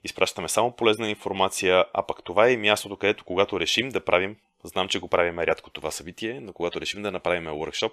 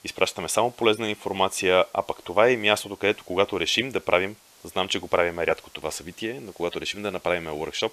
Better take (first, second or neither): first